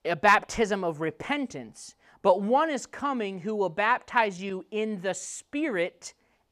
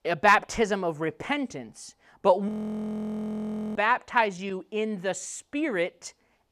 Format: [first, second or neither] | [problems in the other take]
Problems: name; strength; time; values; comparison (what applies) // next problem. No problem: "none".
first | audio freezing; at 2.5 s for 1.5 s